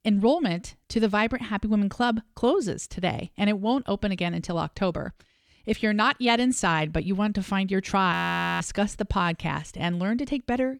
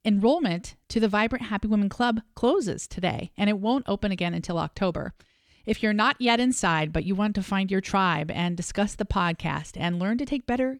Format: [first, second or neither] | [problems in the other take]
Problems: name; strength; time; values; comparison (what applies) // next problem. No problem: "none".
second | audio freezing; at 8 s